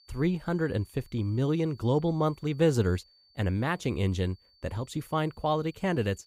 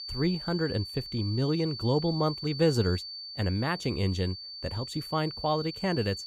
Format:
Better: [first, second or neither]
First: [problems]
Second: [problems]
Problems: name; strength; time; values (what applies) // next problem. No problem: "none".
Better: first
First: high-pitched whine; faint; throughout; 4.5 kHz, 30 dB below the speech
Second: high-pitched whine; loud; throughout; 4.5 kHz, 8 dB below the speech